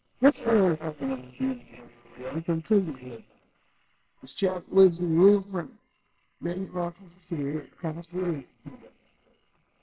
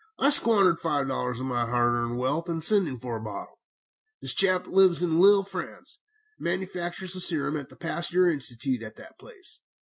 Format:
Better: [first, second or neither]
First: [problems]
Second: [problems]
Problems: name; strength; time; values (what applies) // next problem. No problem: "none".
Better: second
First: noise reduction (neural separator model SepFormer WHAMR!)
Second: none